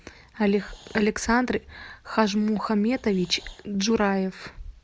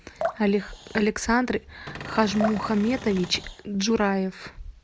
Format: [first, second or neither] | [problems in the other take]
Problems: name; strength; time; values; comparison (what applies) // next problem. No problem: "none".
first | background sound (Cupboard open or close / Door + Drip); 10 dB below the speech